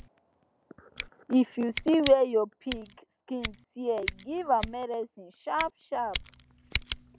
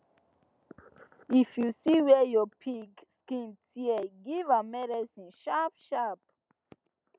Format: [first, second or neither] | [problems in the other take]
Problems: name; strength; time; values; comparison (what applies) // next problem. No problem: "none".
second | background sound (Scissors); 11 dB below the speech